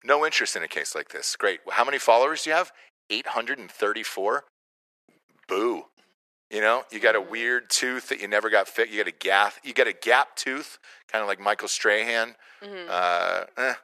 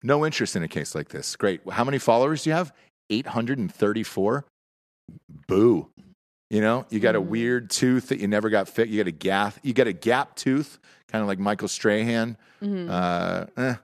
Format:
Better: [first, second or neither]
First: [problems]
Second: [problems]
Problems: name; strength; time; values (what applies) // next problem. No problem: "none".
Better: second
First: thin; very; fading below 500 Hz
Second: none